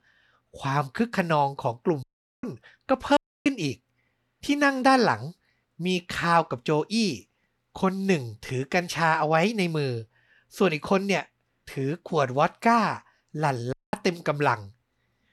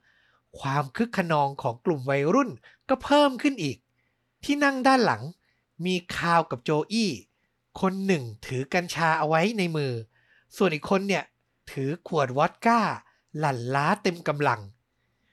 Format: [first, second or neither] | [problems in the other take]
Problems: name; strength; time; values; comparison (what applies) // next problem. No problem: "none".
second | audio cutting out; at 2 s, at 3 s and at 14 s